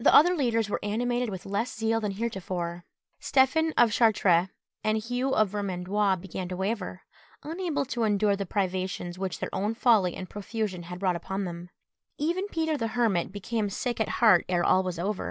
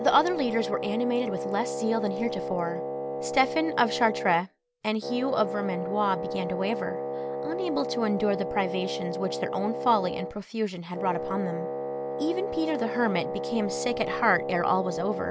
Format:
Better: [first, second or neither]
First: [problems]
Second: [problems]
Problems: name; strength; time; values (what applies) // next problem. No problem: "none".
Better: first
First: none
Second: background sound (Wind instrument, woodwind instrument); 4 dB below the speech